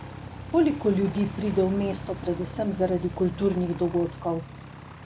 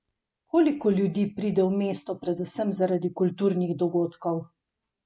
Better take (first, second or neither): second